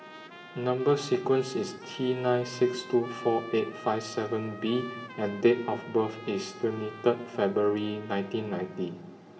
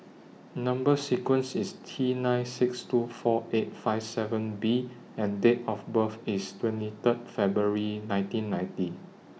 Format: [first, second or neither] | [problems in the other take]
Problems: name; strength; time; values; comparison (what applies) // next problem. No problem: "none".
second | background sound (Trumpet); 17 dB below the speech // room echo; dies away in 2.2 s